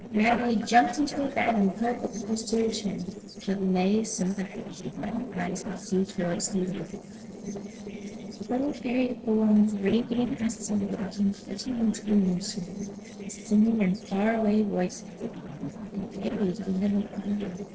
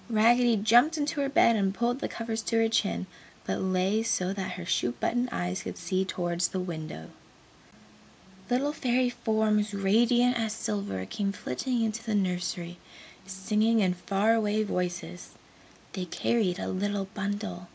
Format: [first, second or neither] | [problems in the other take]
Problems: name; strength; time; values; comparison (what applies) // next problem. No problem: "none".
second | noise reduction (neural separator model SepFormer DNS4)